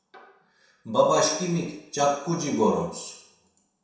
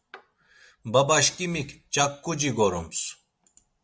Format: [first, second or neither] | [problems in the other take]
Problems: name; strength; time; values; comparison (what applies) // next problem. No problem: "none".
second | room echo; dies away in 0.7 s